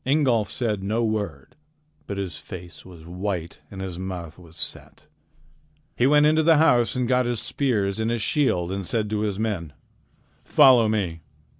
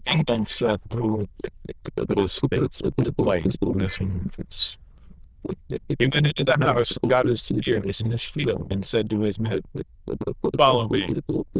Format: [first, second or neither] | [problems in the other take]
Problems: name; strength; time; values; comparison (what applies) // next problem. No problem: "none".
first | noise reduction (neural diffusion model UNIVERSE++)